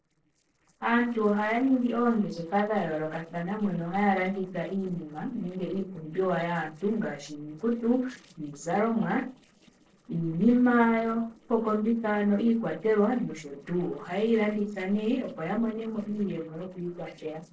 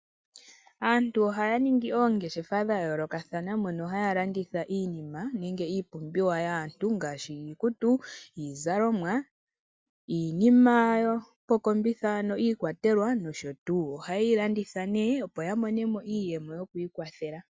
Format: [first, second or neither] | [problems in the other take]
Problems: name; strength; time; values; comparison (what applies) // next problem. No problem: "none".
second | noise reduction (neural separator model SepFormer DNS4)